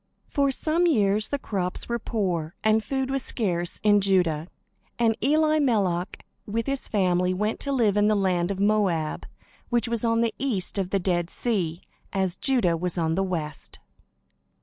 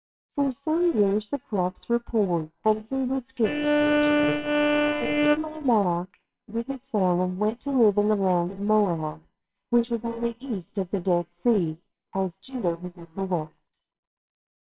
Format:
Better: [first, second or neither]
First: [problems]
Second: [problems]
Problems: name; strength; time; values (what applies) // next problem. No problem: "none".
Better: first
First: none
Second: noise reduction (neural separator model SepFormer WHAMR!)